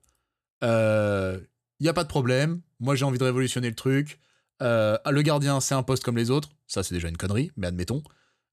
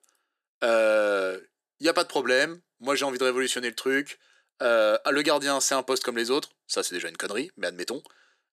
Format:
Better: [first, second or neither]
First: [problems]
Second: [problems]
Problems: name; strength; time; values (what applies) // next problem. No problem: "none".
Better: first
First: none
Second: thin; somewhat; fading below 300 Hz